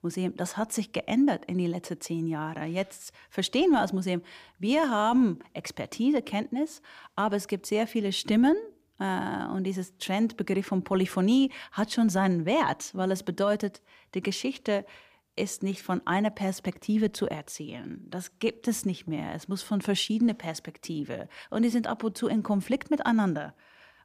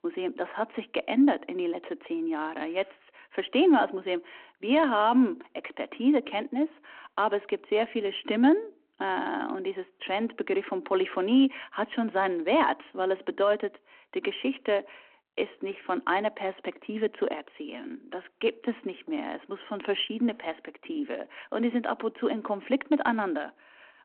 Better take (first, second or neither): first